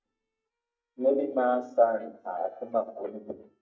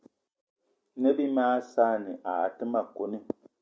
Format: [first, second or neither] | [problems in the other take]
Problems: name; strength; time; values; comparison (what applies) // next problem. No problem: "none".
second | noise reduction (neural mask model DeepFilterNet 3)